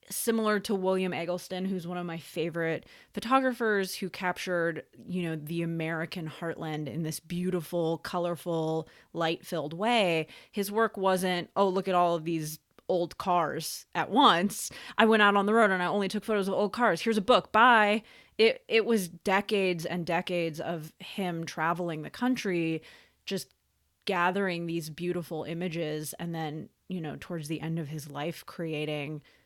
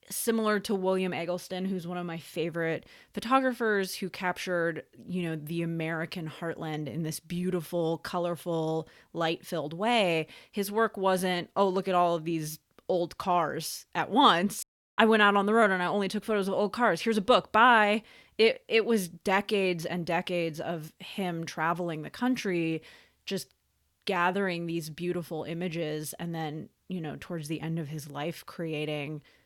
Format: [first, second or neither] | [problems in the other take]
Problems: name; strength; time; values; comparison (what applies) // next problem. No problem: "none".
first | audio cutting out; at 15 s